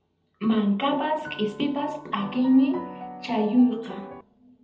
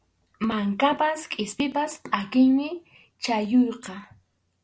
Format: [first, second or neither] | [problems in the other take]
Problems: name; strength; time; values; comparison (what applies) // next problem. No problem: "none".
second | background sound (Piano); 15 dB below the speech // room echo; dies away in 0.9 s